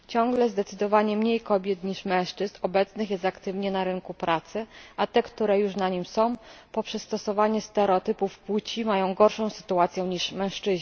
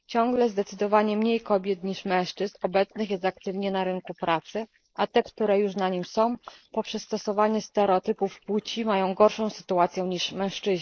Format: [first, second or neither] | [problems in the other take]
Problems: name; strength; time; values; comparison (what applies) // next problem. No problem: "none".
first | noise reduction (neural mask model Resemble Enhance denoiser)